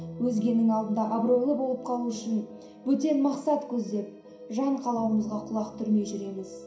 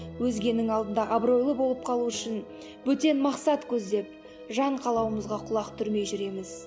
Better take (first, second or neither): second